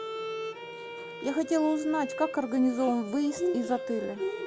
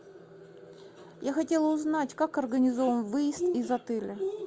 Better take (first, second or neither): second